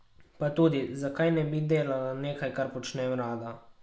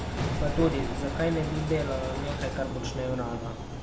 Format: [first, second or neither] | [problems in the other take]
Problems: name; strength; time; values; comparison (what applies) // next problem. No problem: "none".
first | background sound (Engine + Explosion); 1 dB below the speech